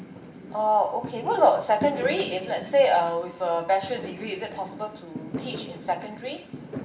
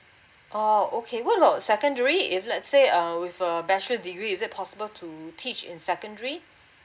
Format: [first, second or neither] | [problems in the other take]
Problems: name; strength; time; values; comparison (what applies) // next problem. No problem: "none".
second | background sound (Fireworks); 12 dB below the speech // room echo; dies away in 0.6 s